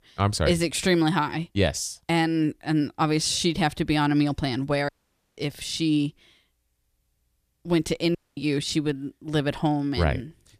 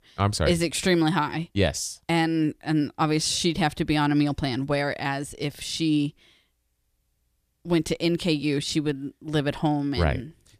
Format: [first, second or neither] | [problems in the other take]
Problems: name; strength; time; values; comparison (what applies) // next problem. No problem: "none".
second | audio cutting out; at 5 s and at 8 s